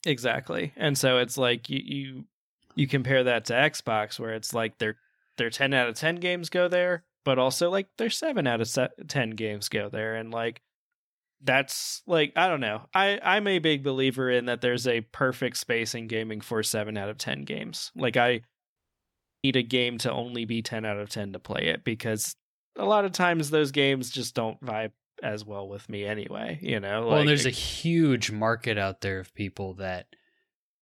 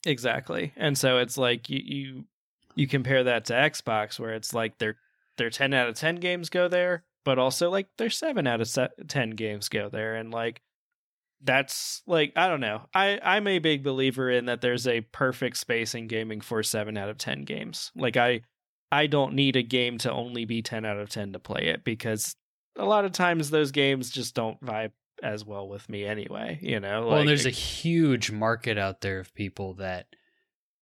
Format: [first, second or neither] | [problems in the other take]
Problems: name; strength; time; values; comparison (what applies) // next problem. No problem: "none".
second | audio cutting out; at 19 s for 0.5 s